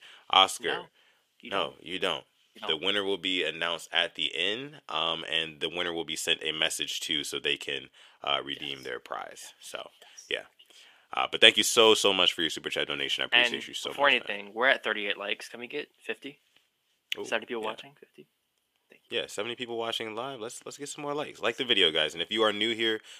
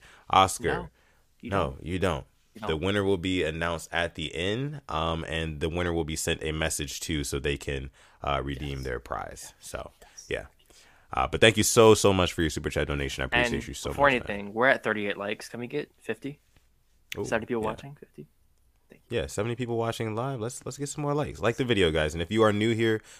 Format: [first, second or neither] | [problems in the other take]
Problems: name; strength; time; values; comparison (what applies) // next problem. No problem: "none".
second | thin; somewhat; fading below 300 Hz